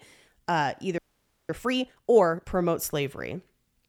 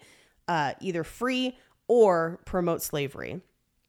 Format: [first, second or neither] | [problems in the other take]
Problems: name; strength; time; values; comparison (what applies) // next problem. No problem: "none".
second | audio freezing; at 1 s for 0.5 s